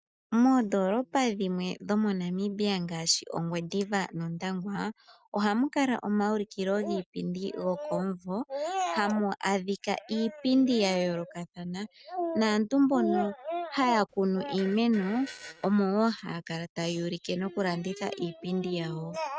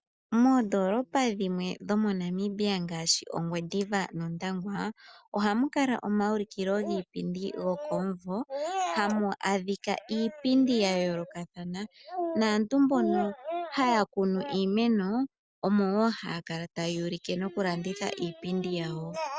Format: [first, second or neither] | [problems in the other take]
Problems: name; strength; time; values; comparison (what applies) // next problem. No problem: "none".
second | noise reduction (neural mask model RNNoise)